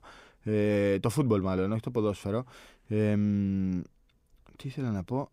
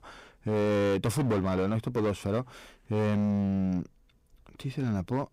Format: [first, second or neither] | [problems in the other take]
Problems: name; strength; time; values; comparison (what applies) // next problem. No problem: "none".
first | distortion; slight; 16% of the sound clipped